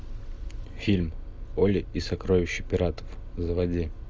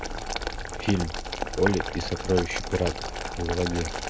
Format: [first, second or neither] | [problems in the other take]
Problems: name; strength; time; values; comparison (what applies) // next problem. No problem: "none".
first | background sound (Boiling); 5 dB below the speech